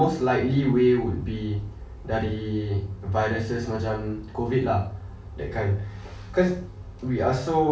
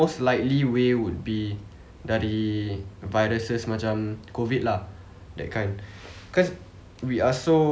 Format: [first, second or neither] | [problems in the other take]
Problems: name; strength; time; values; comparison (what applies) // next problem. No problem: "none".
second | room echo; dies away in 0.4 s